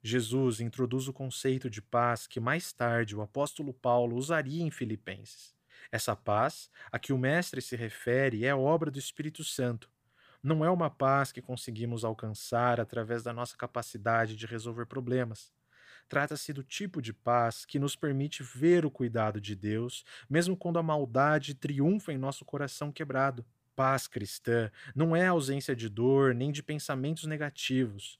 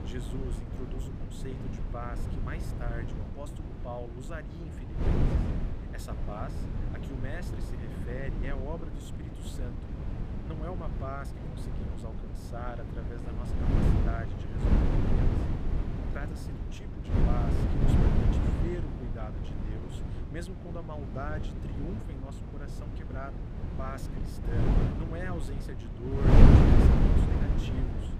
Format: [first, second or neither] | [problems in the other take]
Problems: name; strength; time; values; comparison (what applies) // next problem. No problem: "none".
first | wind noise on the microphone; heavy; 5 dB above the speech